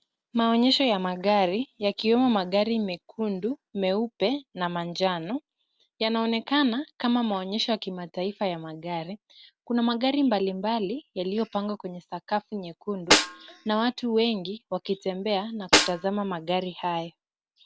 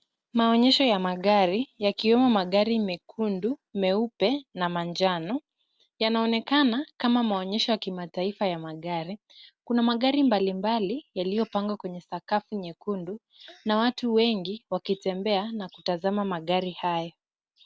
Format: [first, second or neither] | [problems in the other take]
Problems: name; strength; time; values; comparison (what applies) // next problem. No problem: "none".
second | background sound (Snare drum); 1 dB below the speech